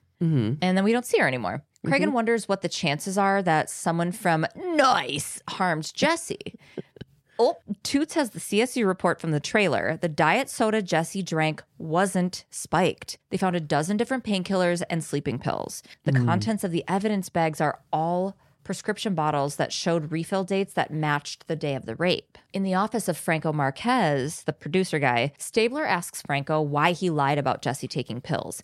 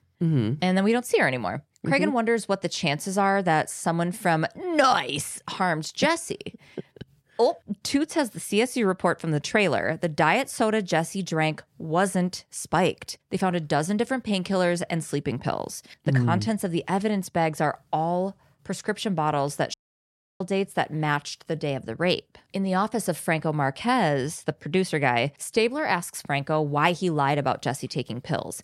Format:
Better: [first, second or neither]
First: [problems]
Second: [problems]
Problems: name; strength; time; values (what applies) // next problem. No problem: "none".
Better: first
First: none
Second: audio cutting out; at 20 s for 0.5 s